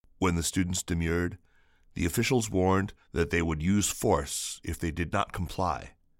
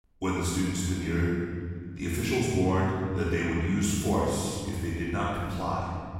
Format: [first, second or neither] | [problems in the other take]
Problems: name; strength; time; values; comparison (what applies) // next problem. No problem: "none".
first | off-mic speech; far // room echo; strong; dies away in 2.5 s